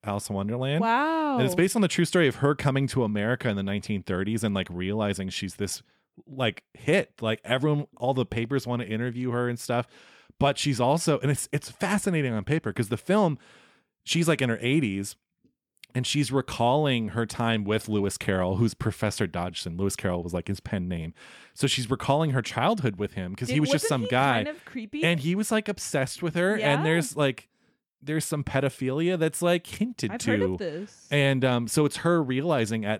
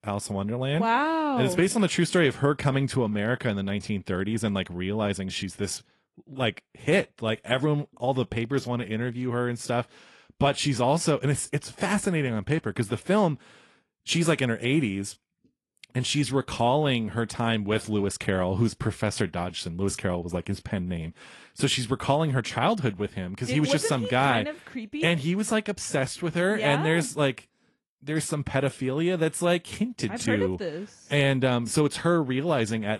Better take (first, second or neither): first